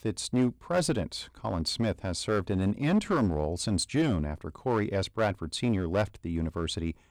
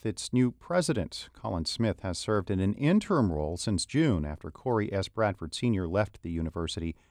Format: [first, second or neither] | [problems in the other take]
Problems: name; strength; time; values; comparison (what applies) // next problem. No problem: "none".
second | distortion; slight; 6% of the sound clipped